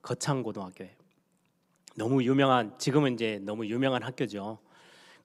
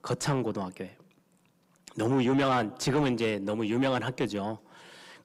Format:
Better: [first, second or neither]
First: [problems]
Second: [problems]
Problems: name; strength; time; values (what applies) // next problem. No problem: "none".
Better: first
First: none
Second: distortion; heavy; 7 dB below the speech